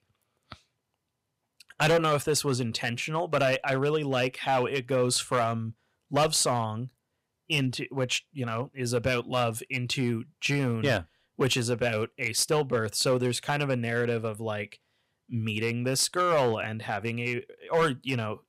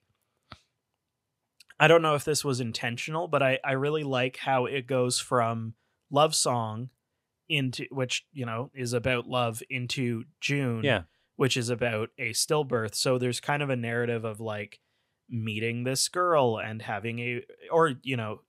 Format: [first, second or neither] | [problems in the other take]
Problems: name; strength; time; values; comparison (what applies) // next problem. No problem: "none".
second | distortion; slight; 4% of the sound clipped